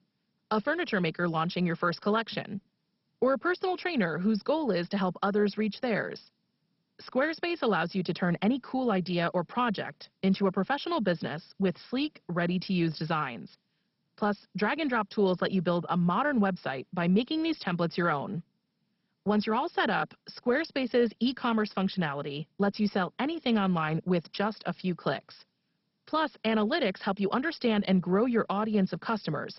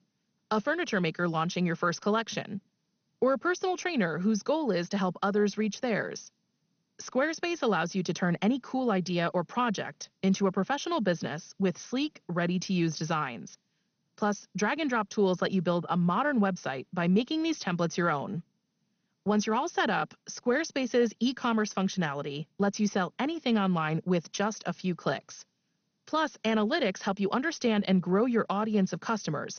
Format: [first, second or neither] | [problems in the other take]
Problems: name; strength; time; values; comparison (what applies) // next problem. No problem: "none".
second | garbled, watery; badly; nothing above 5.5 kHz; slightly in the second